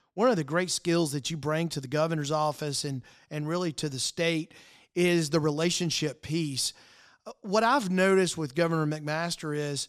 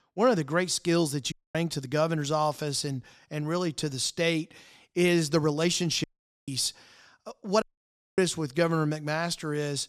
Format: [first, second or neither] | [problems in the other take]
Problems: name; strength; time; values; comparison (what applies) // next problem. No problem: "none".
first | audio cutting out; at 1.5 s, at 6 s and at 7.5 s for 0.5 s